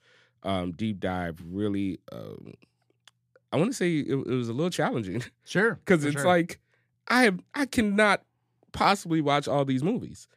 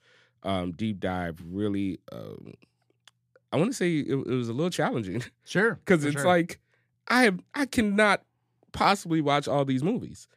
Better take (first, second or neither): neither